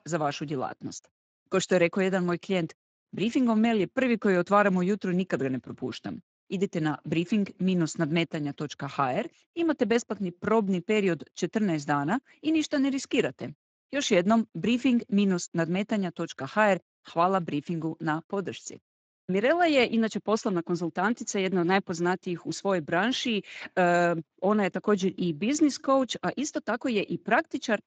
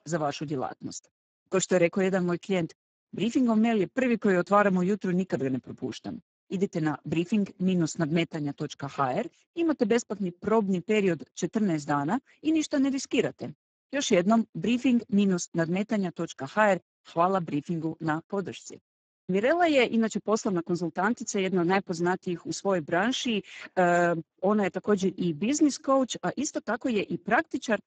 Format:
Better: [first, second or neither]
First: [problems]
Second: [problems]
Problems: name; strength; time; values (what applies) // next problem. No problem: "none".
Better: first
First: garbled, watery; slightly; nothing above 7.5 kHz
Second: garbled, watery; badly; nothing above 7.5 kHz